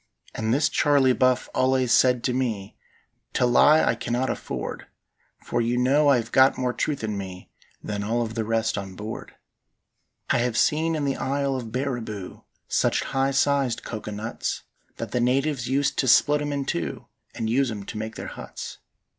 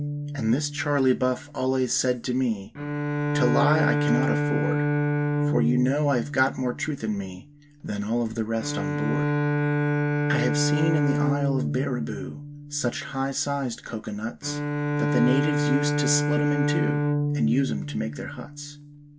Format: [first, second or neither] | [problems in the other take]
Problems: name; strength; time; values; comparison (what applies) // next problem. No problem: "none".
first | background sound (Bowed string instrument); 1 dB above the speech // room echo; dies away in 0.1 s